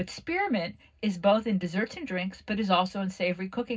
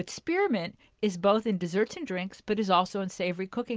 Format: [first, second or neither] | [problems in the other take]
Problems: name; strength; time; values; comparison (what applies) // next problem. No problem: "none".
second | room echo; dies away in 0.4 s